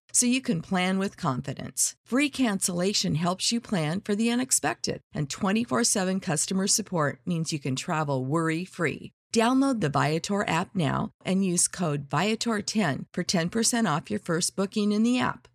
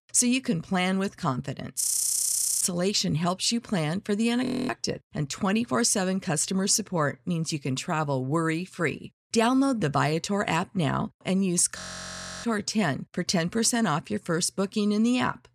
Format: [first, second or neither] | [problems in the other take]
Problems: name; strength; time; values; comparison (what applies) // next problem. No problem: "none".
first | audio freezing; at 2 s for 1 s, at 4.5 s and at 12 s for 0.5 s